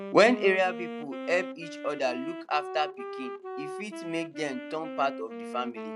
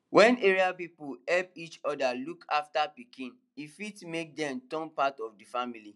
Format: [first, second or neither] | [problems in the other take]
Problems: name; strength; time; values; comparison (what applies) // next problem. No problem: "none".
second | background sound (Wind instrument, woodwind instrument); 9 dB below the speech